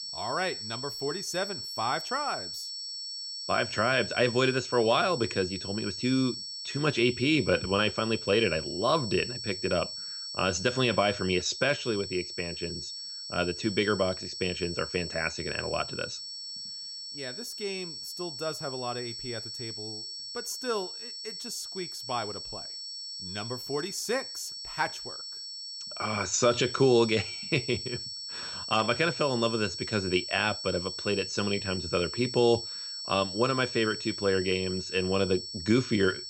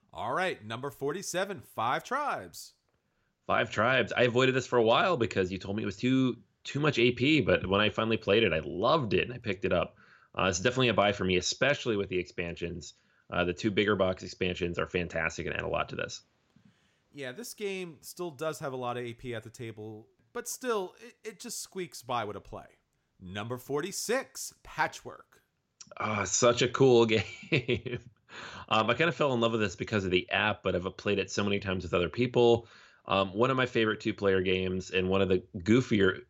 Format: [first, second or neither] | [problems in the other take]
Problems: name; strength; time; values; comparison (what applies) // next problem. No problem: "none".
second | high-pitched whine; loud; throughout; 5.5 kHz, 7 dB below the speech